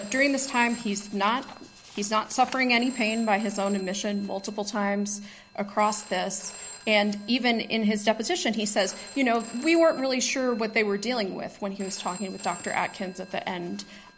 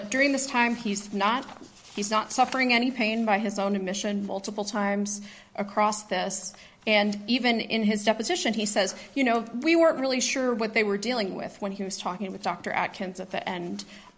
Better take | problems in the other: second | background sound (Telephone); 19 dB below the speech

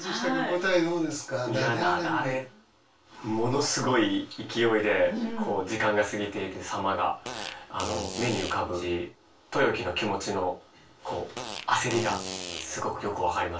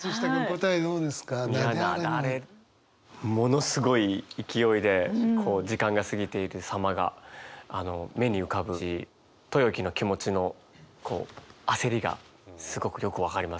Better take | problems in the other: second | background sound (Fart); 9 dB below the speech // room echo; dies away in 0.2 s

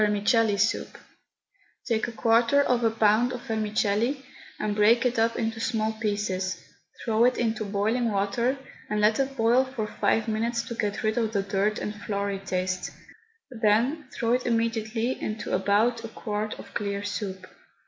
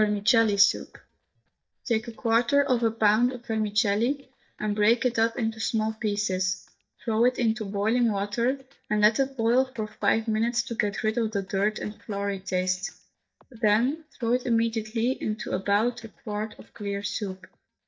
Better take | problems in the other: first | noise reduction (neural mask model DeepFilterNet 3)

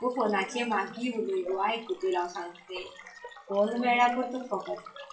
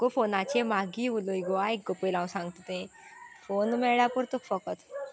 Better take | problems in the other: second | noise reduction (classical method WPE with log-MMSE)

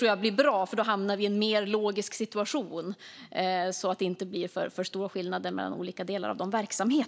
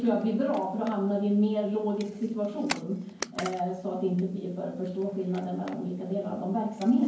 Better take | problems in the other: first | background sound (Camera); 17 dB below the speech // room echo; dies away in 0.9 s

